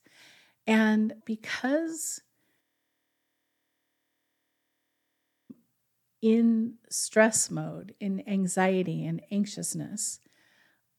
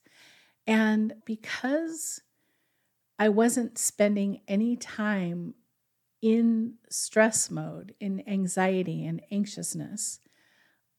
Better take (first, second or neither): second